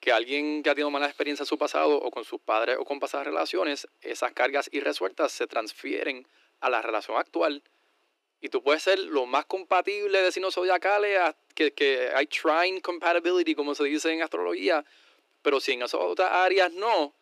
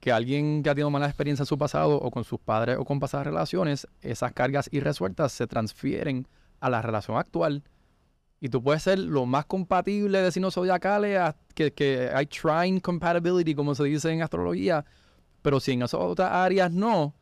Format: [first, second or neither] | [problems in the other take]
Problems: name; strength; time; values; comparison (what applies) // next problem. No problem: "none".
second | thin; somewhat; fading below 300 Hz